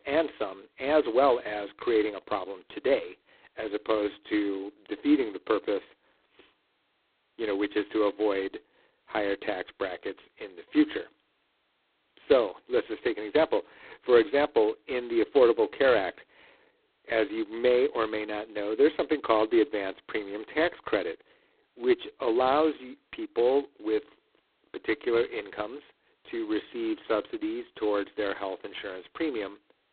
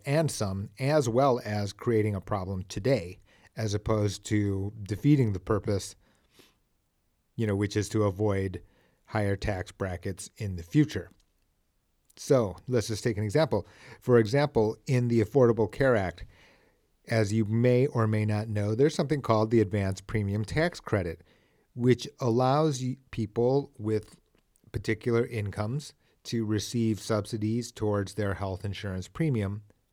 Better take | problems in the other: second | phone-call audio; poor line; nothing above 4 kHz

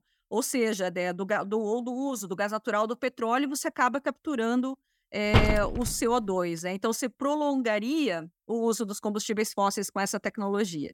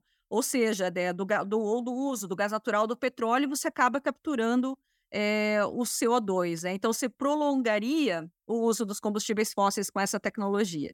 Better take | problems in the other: second | door banging; loud; at 5.5 s; peak 4 dB above the speech

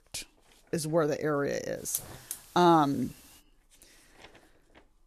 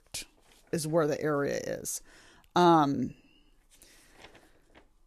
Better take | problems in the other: second | hiss; noticeable; from 2 to 3.5 s; 10 dB below the speech

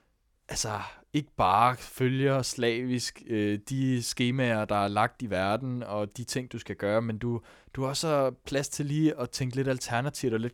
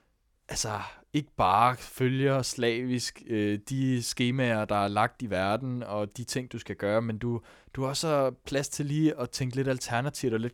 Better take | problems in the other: neither | none

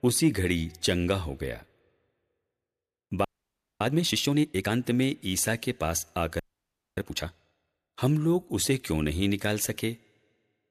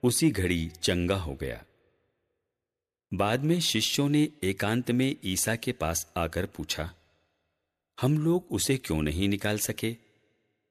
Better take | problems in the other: second | audio freezing; at 3.5 s for 0.5 s and at 6.5 s for 0.5 s

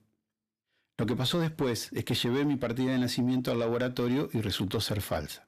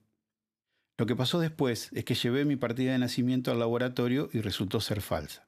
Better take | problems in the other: second | distortion; slight; 10 dB below the speech

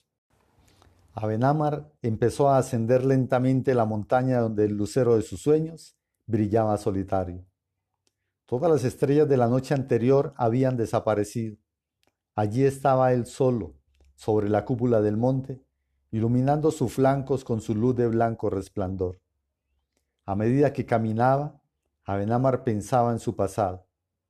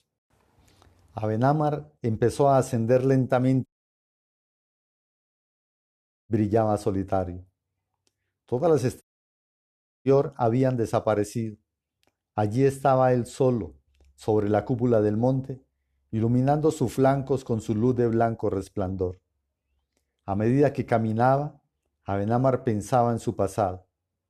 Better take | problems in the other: first | audio cutting out; at 3.5 s for 2.5 s and at 9 s for 1 s

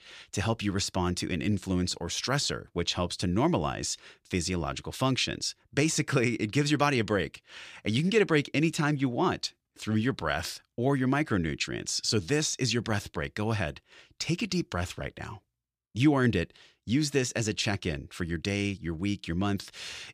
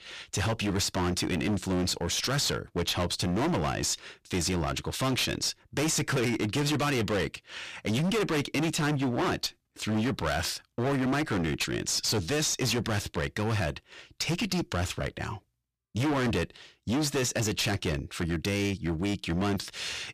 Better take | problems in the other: first | distortion; heavy; 24% of the sound clipped

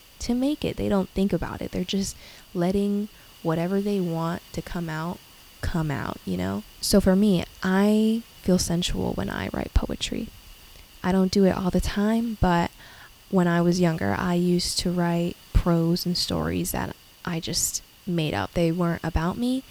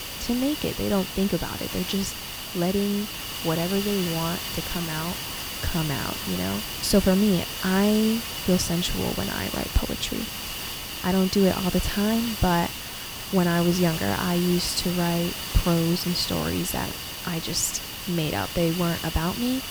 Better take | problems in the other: first | hiss; loud; throughout; 5 dB below the speech; faint in the first

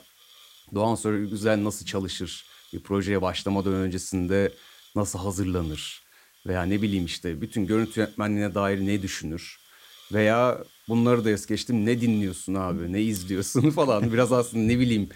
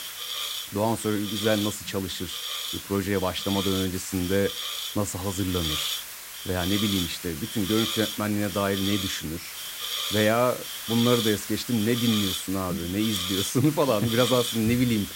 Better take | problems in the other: first | hiss; loud; throughout; 4 dB below the speech; faint in the first

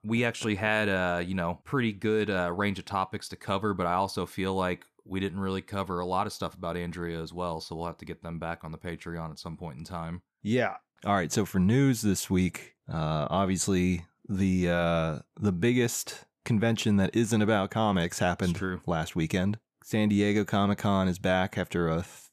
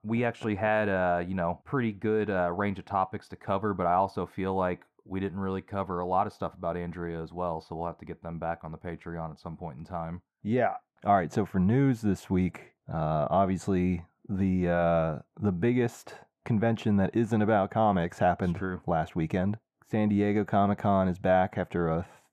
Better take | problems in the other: first | muffled; very; fading above 3 kHz

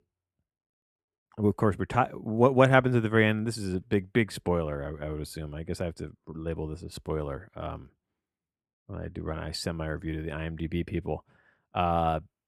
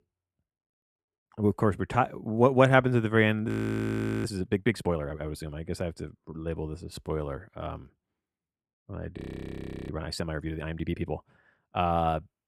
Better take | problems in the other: first | audio freezing; at 3.5 s for 1 s and at 9 s for 0.5 s

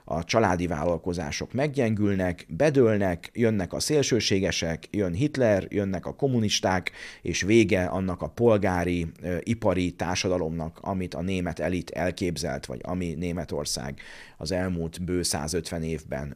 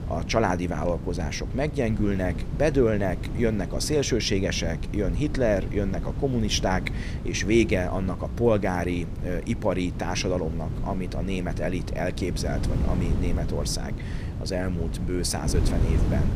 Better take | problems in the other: first | wind noise on the microphone; occasional gusts; 10 dB below the speech

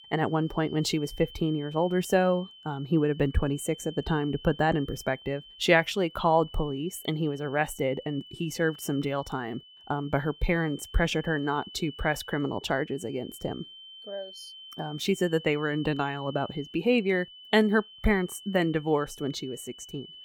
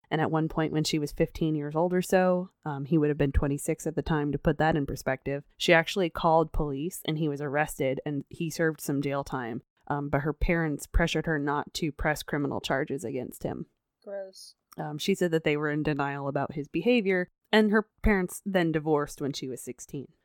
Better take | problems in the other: second | high-pitched whine; noticeable; throughout; 3 kHz, 20 dB below the speech

